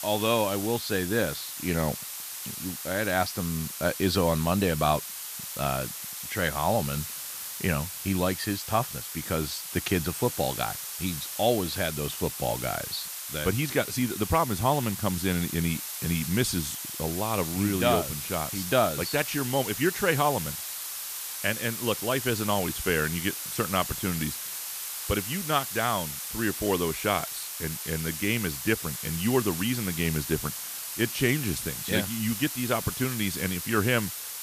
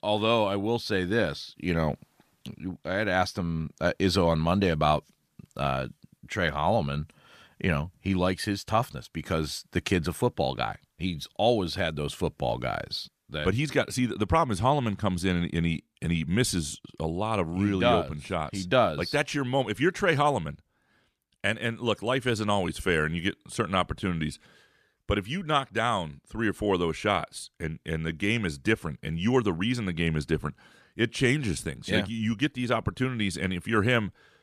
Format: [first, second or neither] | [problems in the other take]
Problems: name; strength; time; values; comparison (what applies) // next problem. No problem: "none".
second | hiss; loud; throughout; 5 dB below the speech